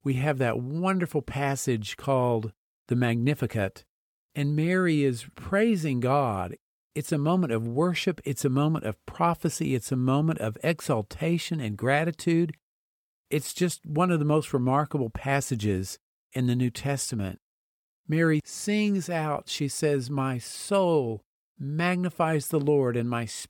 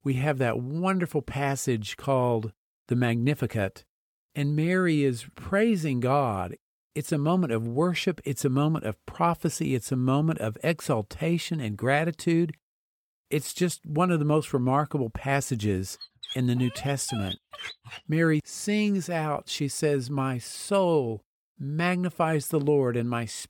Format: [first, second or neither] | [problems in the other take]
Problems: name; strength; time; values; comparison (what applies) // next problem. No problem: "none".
first | dog barking; noticeable; from 16 to 18 s; peak 9 dB below the speech